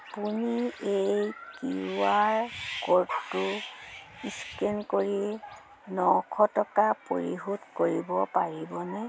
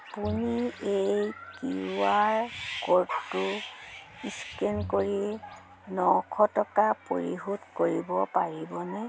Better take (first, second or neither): first